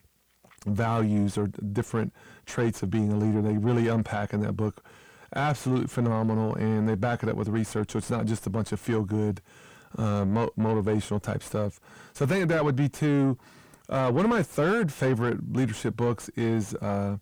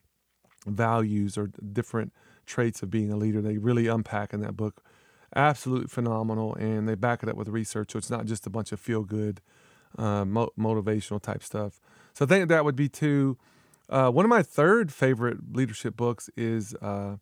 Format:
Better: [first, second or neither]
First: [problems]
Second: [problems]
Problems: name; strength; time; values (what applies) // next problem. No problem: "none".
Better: second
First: distortion; heavy; 6 dB below the speech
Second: none